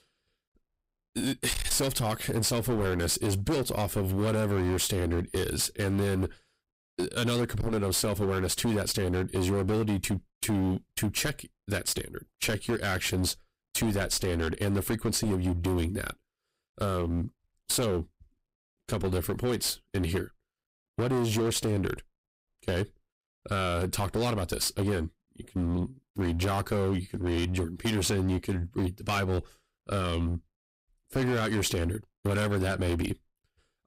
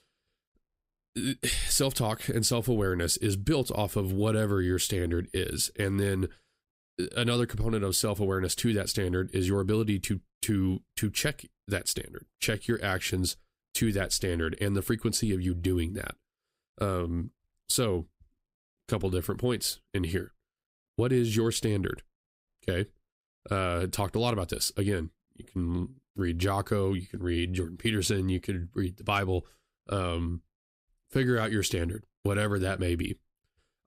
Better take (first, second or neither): second